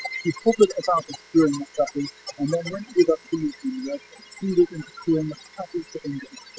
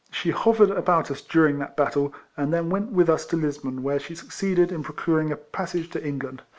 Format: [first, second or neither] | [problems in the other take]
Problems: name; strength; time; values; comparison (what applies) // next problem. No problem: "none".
second | noise reduction (classical method spectral subtraction)